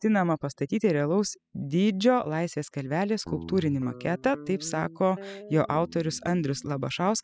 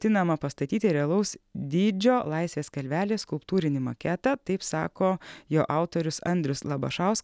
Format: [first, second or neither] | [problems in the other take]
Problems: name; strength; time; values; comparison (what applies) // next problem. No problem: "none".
second | noise reduction (classical method spectral subtraction)